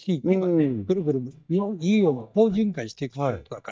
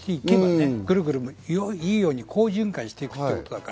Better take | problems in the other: second | noise reduction (neural mask model DeepFilterNet 3)

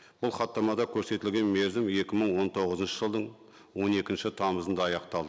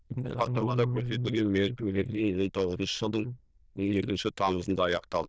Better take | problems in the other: first | noise reduction (neural diffusion model UNIVERSE++)

